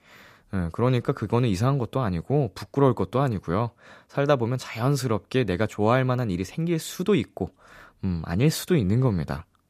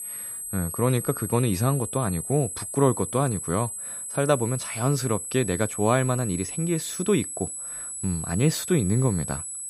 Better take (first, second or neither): first